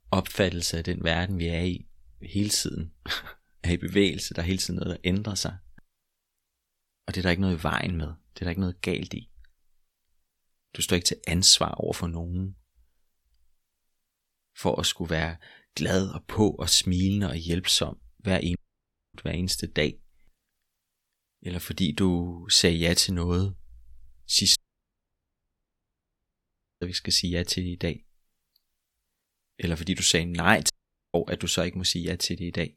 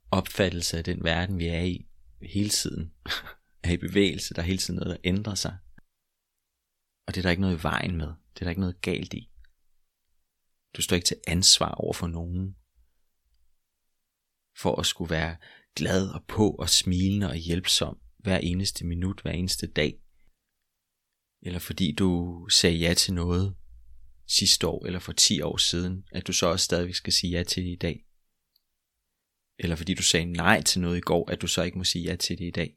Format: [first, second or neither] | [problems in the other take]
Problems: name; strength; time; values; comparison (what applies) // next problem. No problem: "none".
second | audio cutting out; at 19 s for 0.5 s, at 25 s for 2.5 s and at 31 s